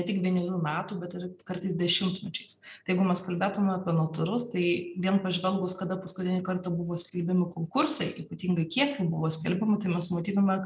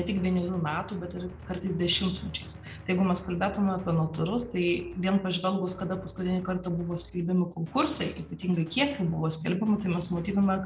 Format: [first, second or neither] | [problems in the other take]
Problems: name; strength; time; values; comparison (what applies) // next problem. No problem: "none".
first | background sound (Drum); 16 dB below the speech